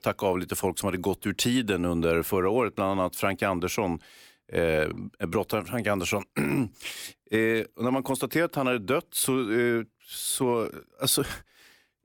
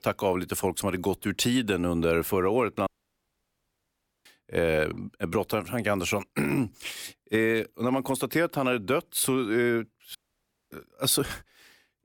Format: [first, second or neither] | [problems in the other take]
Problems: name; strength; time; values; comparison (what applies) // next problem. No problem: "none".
first | audio cutting out; at 3 s for 1.5 s and at 10 s for 0.5 s